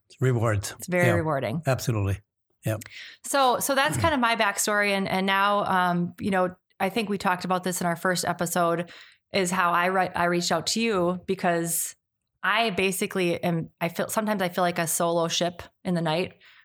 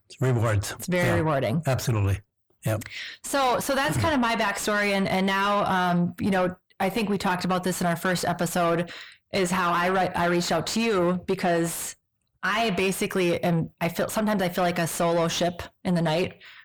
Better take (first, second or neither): first